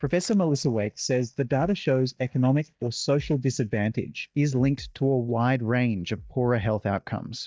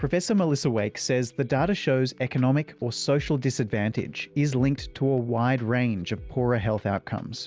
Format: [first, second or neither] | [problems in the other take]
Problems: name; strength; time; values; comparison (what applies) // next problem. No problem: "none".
second | noise reduction (neural mask model DeepFilterNet 3)